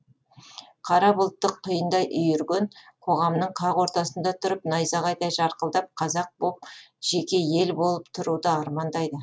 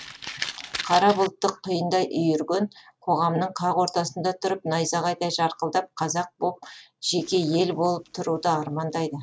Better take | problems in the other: first | background sound (Fire); 17 dB below the speech

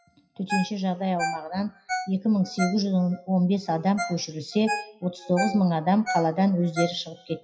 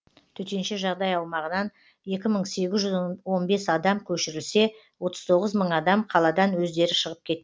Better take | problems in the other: second | noise reduction (classical method WPE with log-MMSE)

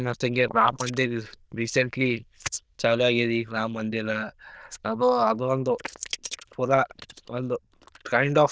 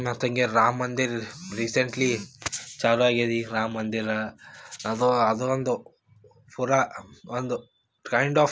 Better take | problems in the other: second | noise reduction (neural diffusion model UNIVERSE++)

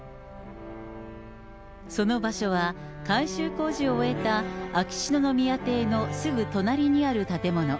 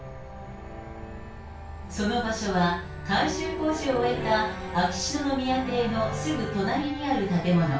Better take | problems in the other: first | background sound (Train); 16 dB below the speech // room echo; dies away in 0.3 s

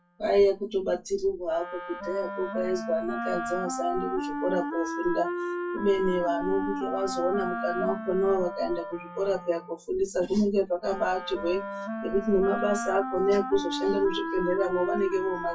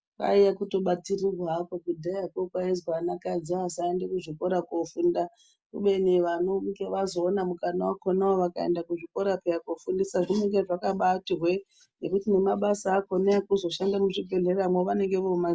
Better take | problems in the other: second | noise reduction (classical method WPE with log-MMSE)

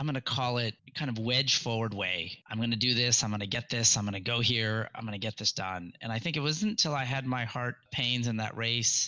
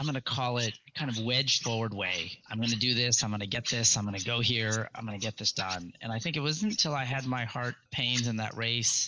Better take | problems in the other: first | noise reduction (neural mask model Resemble Enhance denoiser)

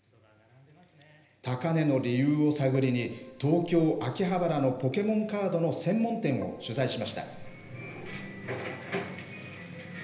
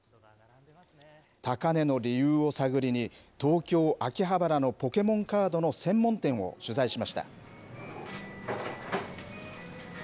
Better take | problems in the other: second | background sound (Keyboard (musical)); 19 dB below the speech // room echo; dies away in 0.8 s

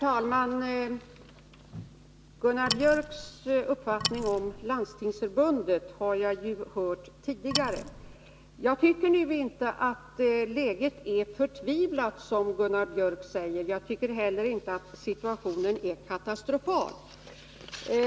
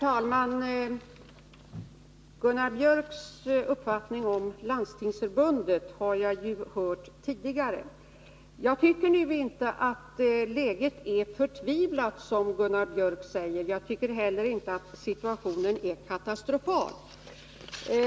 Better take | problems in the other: second | background sound (Wood); 6 dB below the speech

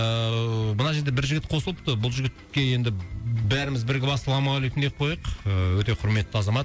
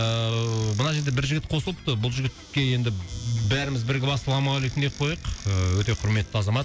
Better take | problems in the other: first | background sound (Squeak / Cupboard open or close); 19 dB below the speech

